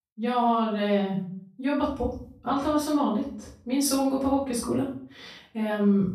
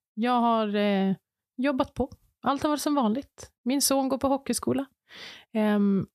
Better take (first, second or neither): second